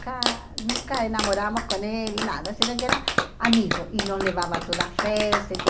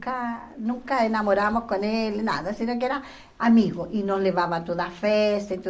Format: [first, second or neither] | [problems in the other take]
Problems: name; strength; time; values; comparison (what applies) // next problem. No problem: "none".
second | background sound (Clapping); 1 dB below the speech